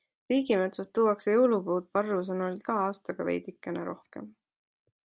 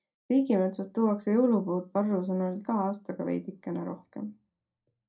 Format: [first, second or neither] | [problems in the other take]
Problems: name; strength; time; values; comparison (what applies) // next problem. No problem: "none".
first | room echo; dies away in 0.2 s